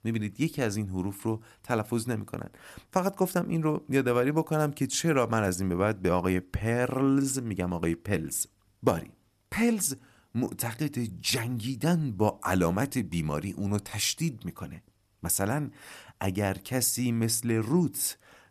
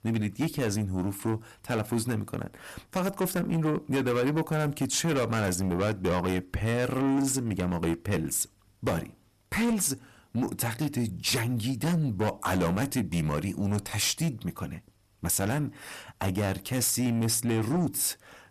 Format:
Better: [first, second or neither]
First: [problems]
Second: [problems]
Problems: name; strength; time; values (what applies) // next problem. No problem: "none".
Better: first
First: none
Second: distortion; heavy; 8 dB below the speech